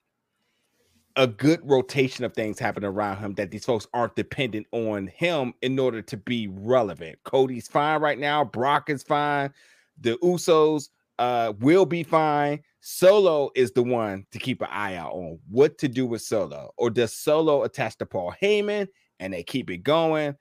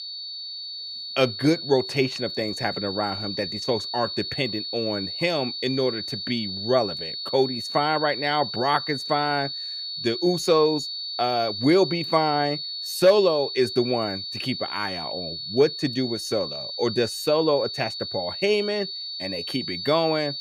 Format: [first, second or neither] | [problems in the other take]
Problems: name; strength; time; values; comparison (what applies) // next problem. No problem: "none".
first | high-pitched whine; loud; throughout; 4.5 kHz, 5 dB below the speech